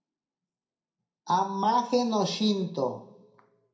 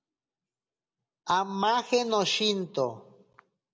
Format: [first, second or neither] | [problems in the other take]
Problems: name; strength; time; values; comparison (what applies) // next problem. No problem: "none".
second | room echo; dies away in 0.4 s